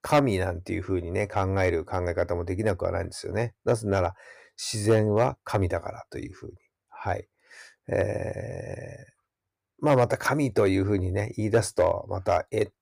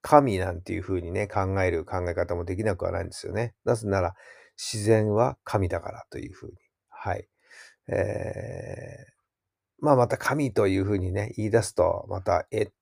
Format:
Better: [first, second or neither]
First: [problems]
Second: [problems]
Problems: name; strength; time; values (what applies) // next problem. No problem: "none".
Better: second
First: distortion; slight; 0.9% of the sound clipped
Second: none